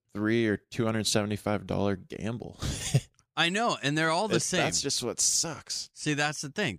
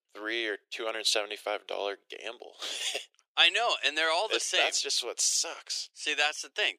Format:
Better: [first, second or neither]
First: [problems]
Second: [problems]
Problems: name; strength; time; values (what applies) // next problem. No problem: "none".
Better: first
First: none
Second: thin; very; fading below 400 Hz